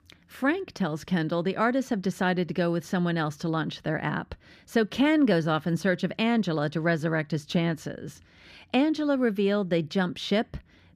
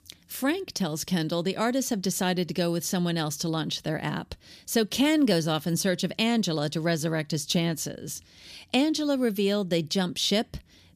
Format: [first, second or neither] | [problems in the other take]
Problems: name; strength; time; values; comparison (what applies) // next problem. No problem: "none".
second | muffled; slightly; fading above 4 kHz